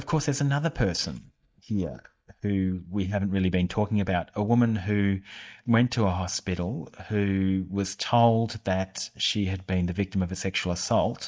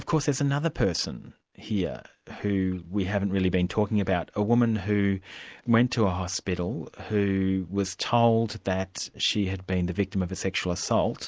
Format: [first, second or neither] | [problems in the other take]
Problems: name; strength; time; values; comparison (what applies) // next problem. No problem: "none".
second | noise reduction (neural mask model DeepFilterNet 3)